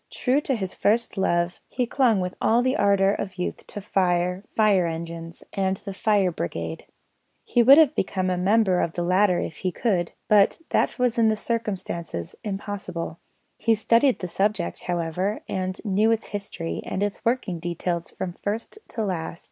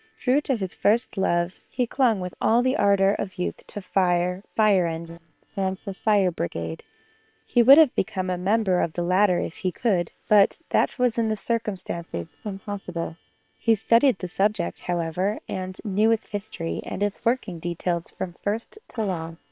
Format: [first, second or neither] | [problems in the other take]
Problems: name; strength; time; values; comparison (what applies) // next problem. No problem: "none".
first | noise reduction (neural separator model SepFormer WHAM!)